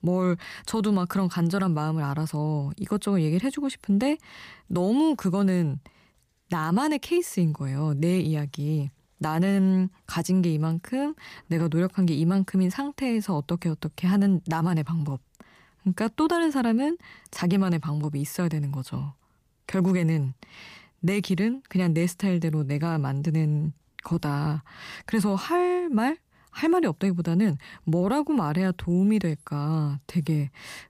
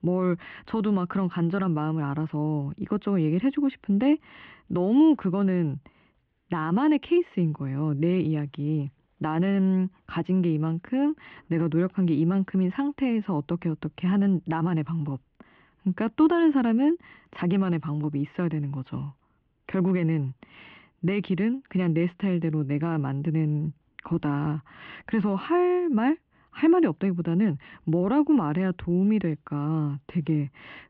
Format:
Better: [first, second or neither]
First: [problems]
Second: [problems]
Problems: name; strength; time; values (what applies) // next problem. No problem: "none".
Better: first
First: none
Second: muffled; very; fading above 3 kHz